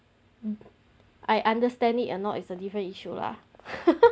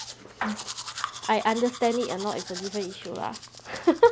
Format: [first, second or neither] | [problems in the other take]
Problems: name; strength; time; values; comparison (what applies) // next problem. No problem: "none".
first | background sound (Domestic sounds, home sounds); 11 dB below the speech